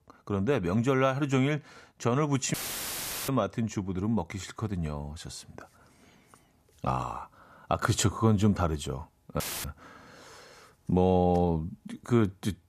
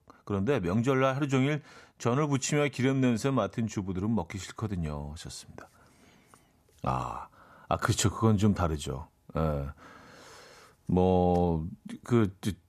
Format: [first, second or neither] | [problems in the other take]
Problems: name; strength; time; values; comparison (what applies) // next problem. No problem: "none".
second | audio cutting out; filled with static; at 2.5 s for 0.5 s and at 9.5 s